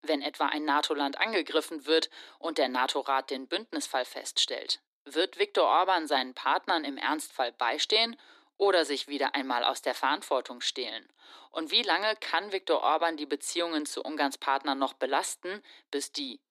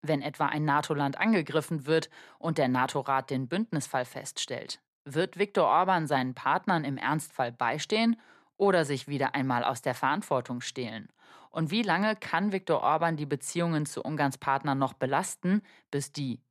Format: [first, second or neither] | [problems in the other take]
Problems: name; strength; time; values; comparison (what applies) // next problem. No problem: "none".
second | thin; somewhat; fading below 300 Hz